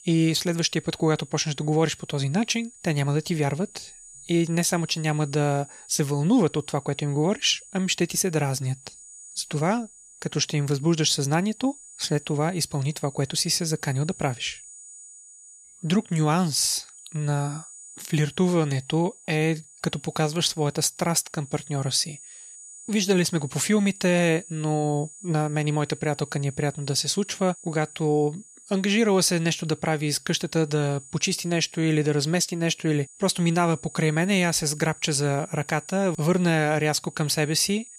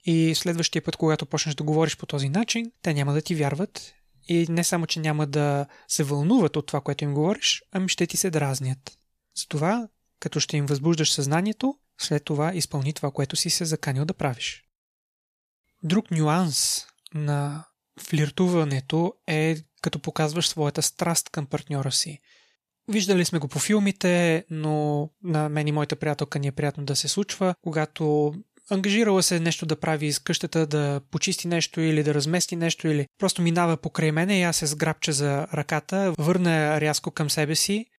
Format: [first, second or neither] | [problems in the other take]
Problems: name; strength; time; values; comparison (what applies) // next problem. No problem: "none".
second | high-pitched whine; noticeable; throughout; 7 kHz, 20 dB below the speech